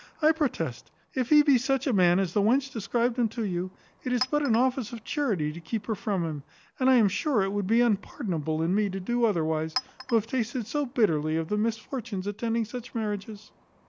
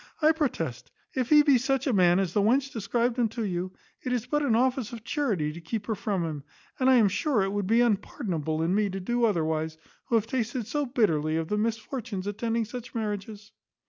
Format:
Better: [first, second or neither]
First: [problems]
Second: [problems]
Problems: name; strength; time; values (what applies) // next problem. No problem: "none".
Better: second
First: background sound (Chink, clink); 20 dB below the speech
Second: none